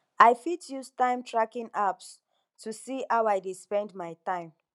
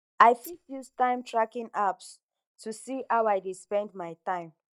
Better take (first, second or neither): first